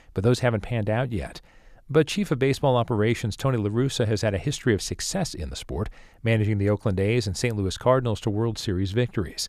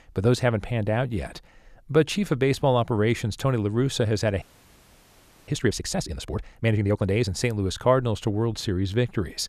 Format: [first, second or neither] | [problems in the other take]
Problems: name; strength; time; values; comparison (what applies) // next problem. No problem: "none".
first | audio freezing; at 4.5 s for 1 s